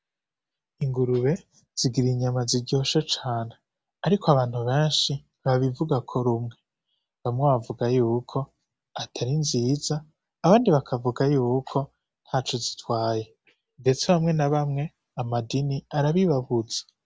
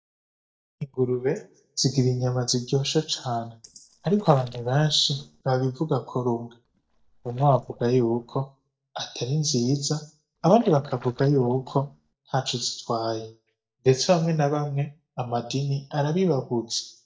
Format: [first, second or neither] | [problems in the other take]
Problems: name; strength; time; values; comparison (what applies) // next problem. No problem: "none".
first | noise reduction (neural mask model DeepFilterNet 3)